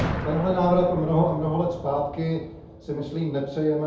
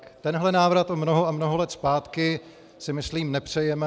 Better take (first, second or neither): second